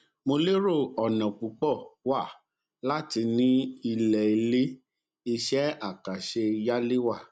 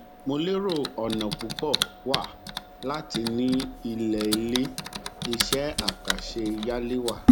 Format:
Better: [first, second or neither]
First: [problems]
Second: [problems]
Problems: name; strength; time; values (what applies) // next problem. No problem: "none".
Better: first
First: none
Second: background sound (Typing); as loud as the speech